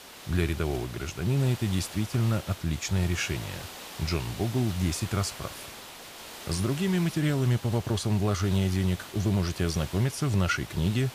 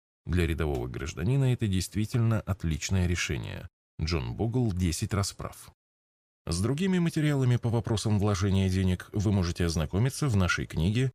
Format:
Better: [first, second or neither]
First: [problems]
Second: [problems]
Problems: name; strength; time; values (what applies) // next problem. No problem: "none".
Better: second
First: hiss; noticeable; throughout; 15 dB below the speech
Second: none